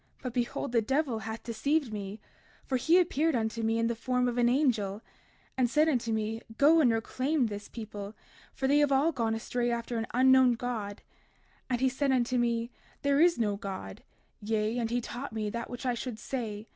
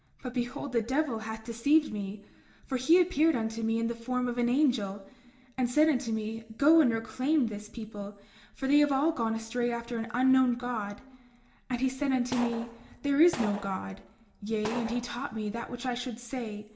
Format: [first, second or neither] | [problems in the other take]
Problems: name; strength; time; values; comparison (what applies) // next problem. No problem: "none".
first | background sound (Gunshot, gunfire); 13 dB below the speech // room echo; dies away in 0.9 s